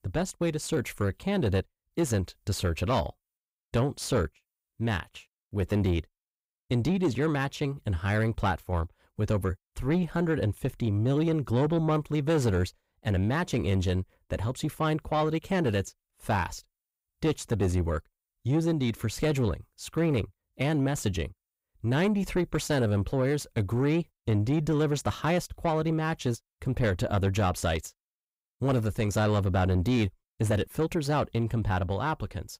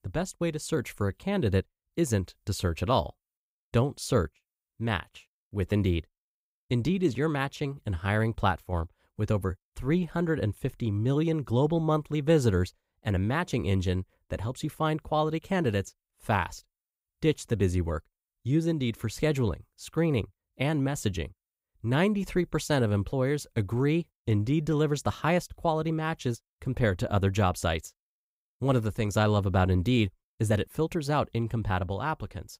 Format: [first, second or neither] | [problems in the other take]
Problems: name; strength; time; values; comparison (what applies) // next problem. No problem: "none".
second | distortion; slight; 10 dB below the speech